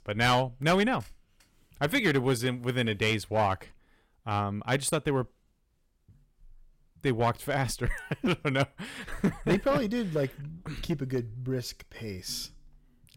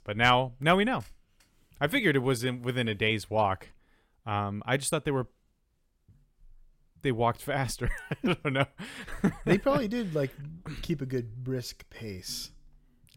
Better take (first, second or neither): second